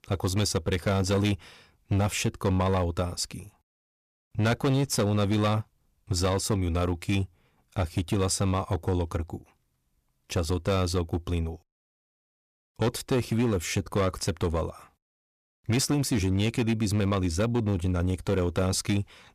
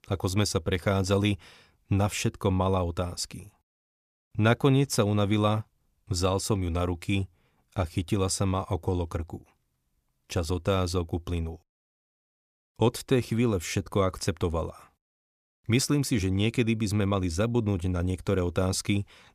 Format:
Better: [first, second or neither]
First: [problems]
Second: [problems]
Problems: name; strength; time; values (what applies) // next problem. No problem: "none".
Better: second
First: distortion; slight; 8% of the sound clipped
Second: none